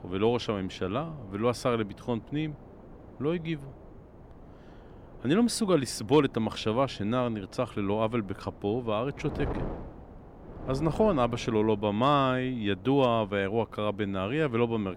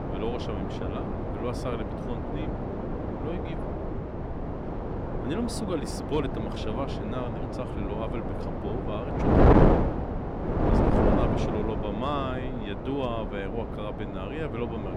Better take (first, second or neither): first